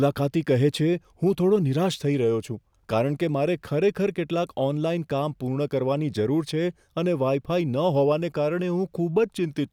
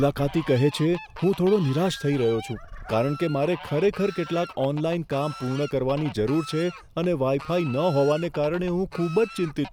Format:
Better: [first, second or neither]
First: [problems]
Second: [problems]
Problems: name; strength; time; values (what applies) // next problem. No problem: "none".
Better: first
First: none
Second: background sound (Fowl); 16 dB below the speech